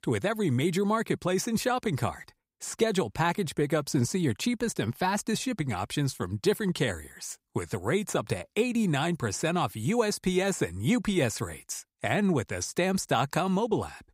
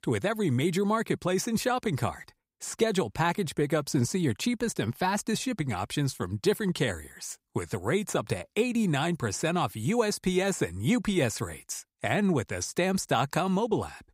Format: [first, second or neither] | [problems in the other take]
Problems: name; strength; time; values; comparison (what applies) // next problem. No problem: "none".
neither | none